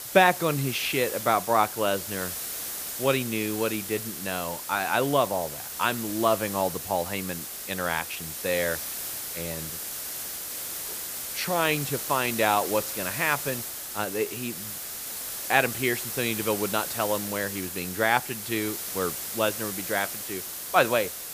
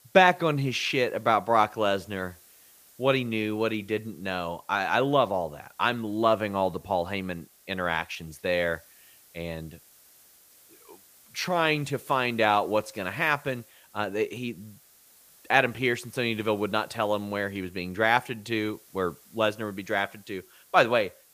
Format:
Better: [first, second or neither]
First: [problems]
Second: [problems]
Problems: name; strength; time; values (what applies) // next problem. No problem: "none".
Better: second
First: hiss; loud; throughout; 5 dB below the speech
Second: hiss; faint; throughout; 25 dB below the speech